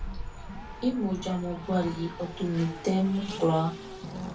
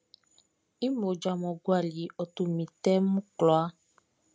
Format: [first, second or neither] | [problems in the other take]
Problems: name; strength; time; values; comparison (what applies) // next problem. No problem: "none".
second | background sound (Race car, auto racing); 9 dB below the speech // room echo; dies away in 0.1 s